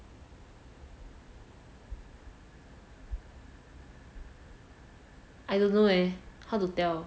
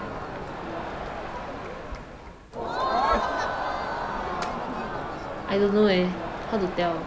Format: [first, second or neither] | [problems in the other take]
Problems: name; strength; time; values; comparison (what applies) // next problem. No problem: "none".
first | background sound (Crowd); as loud as the speech